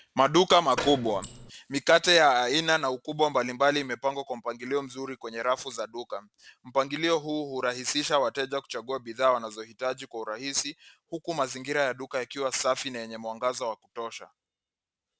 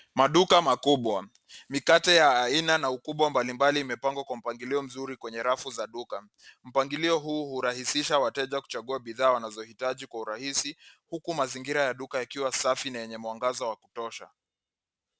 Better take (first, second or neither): second